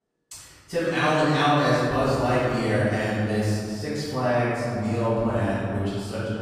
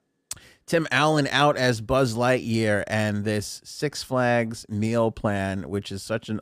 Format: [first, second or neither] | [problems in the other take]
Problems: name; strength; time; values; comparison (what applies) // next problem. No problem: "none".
second | off-mic speech; far // room echo; strong; dies away in 2.4 s